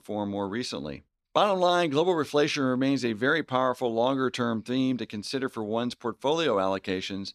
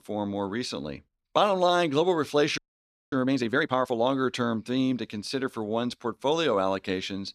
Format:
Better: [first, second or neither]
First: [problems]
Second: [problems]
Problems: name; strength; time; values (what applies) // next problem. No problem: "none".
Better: first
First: none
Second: audio freezing; at 2.5 s for 0.5 s